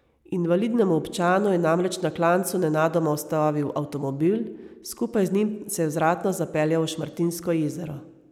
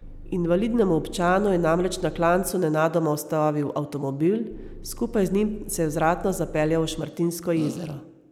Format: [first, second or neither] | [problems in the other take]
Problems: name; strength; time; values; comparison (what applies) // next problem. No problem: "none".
first | background sound (Engine + Fart); 14 dB below the speech